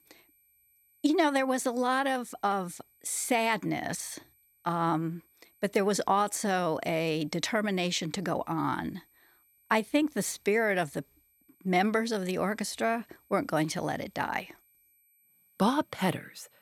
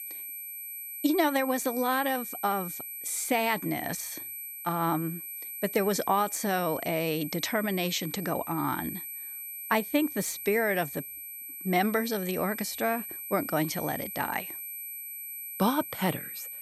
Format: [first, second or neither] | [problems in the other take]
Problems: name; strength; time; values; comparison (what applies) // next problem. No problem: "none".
first | high-pitched whine; loud; throughout; 12 kHz, 7 dB below the speech; faint in the first